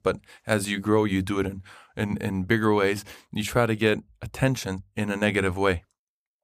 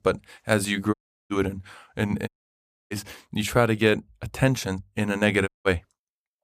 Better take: first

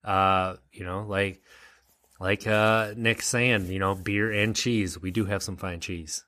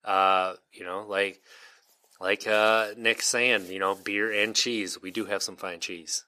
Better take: first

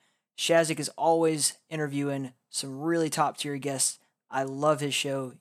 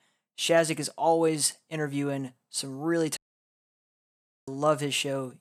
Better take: first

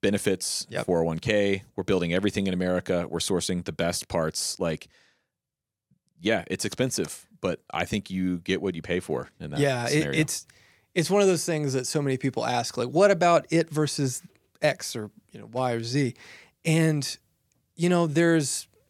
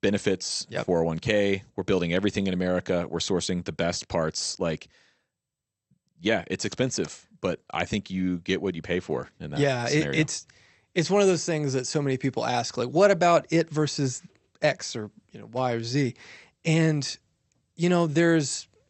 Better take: first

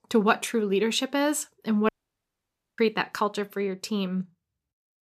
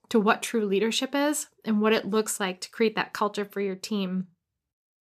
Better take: second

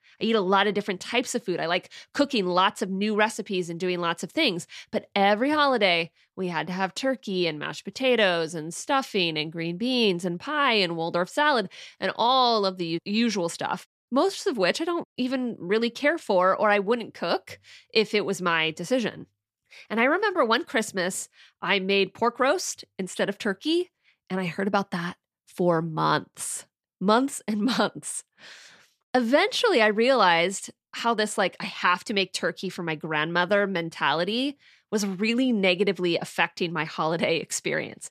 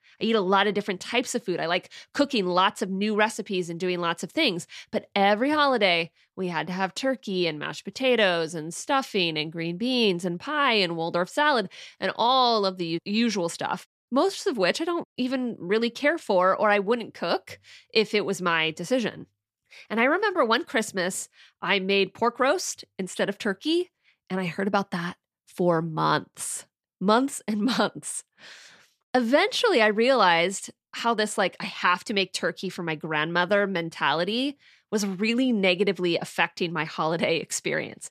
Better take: neither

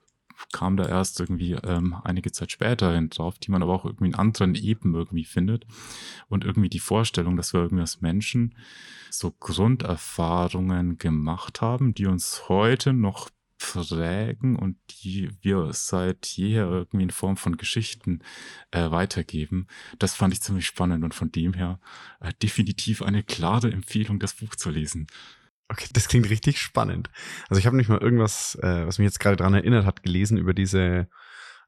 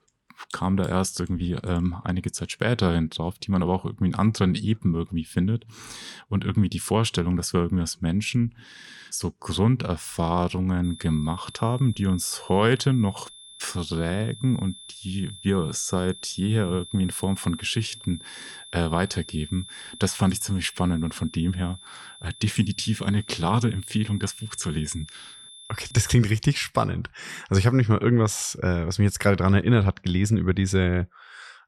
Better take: first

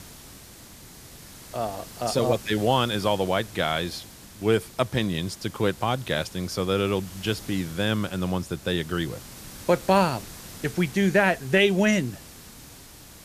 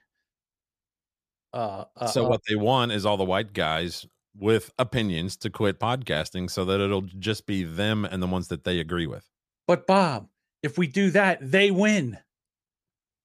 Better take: second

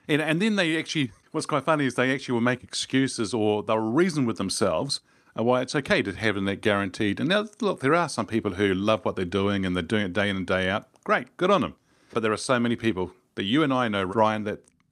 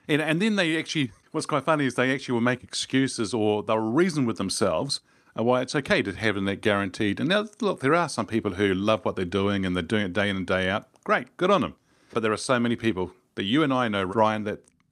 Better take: neither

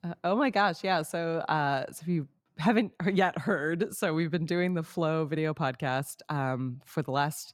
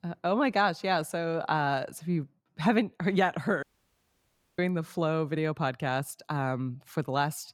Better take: first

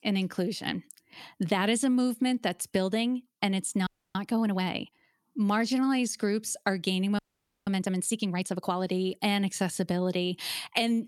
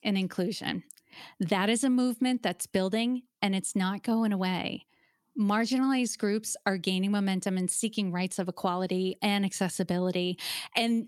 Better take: second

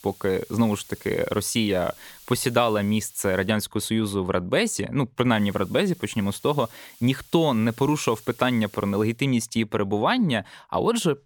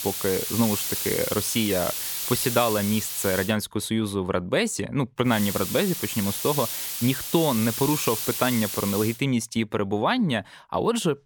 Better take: first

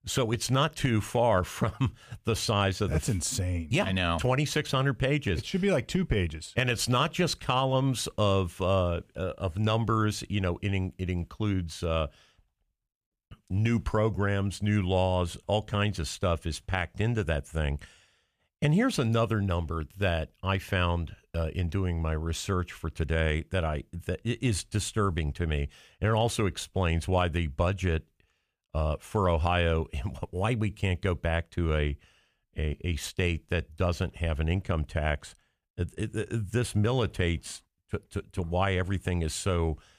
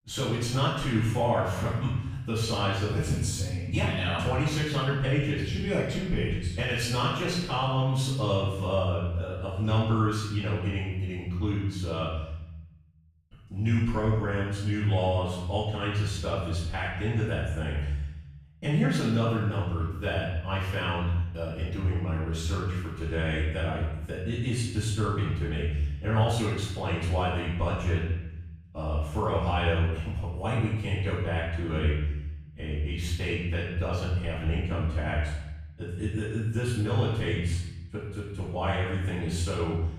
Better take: first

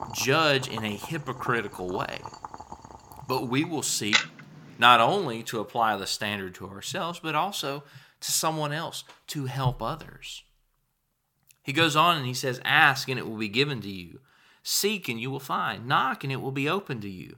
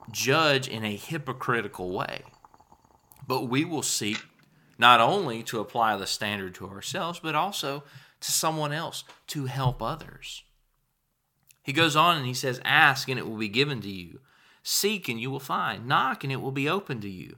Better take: second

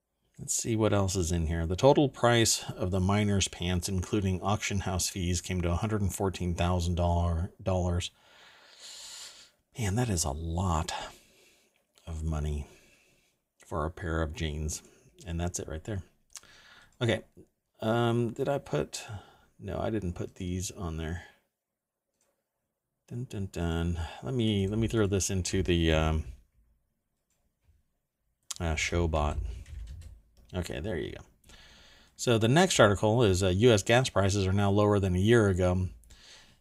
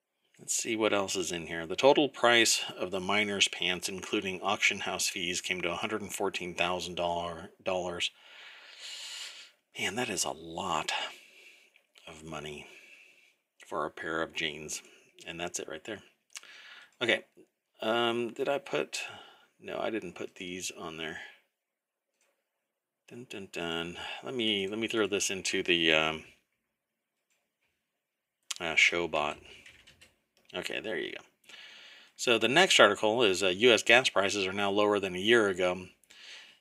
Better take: first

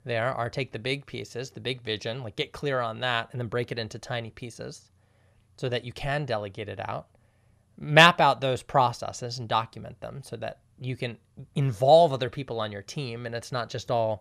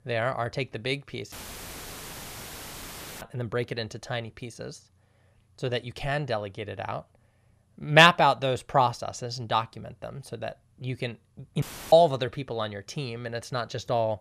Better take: first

